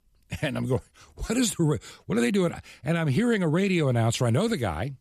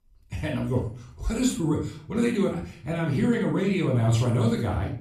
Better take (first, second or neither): first